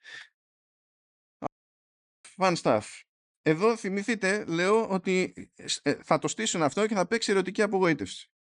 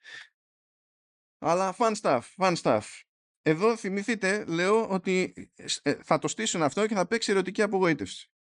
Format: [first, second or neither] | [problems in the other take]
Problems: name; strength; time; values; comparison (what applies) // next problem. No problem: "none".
second | audio cutting out; at 1.5 s for 1 s